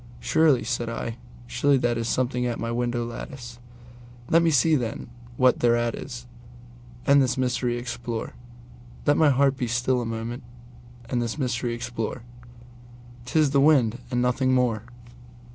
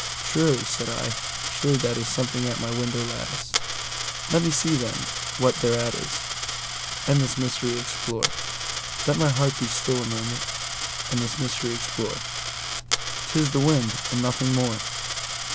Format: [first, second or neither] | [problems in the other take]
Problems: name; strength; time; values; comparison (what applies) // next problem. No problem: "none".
first | background sound (Coin (dropping)); 3 dB below the speech